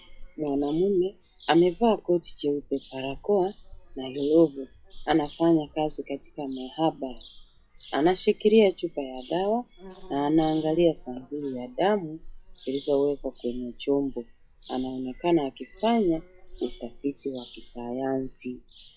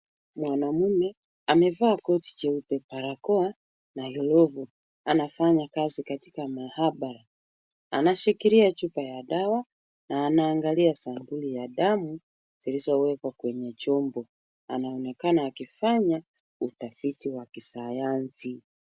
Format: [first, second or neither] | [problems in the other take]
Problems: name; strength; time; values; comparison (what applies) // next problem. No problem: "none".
second | noise reduction (classical method log-MMSE)